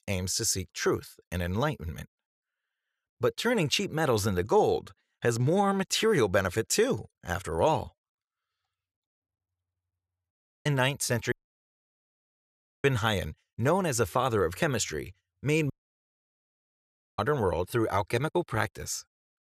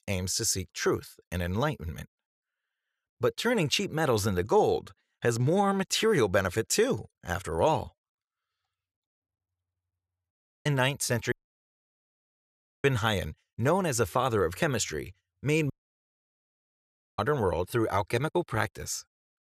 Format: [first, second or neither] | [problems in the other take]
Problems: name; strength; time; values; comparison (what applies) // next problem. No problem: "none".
neither | audio cutting out; at 10 s, at 11 s for 1.5 s and at 16 s for 1.5 s; the same in both